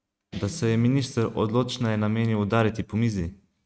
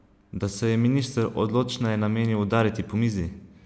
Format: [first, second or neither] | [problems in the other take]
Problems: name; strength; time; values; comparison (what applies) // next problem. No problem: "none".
second | noise reduction (neural mask model RNNoise)